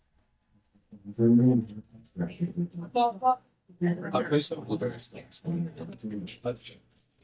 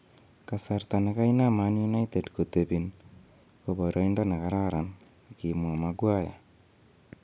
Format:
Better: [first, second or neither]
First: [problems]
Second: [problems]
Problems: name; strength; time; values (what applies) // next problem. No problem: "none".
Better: second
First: noise reduction (neural mask model DeepFilterNet 3)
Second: none